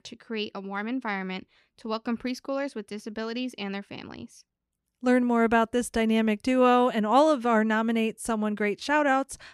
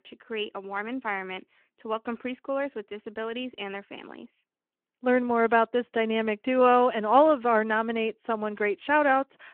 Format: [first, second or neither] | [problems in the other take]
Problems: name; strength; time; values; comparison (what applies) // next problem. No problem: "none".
first | phone-call audio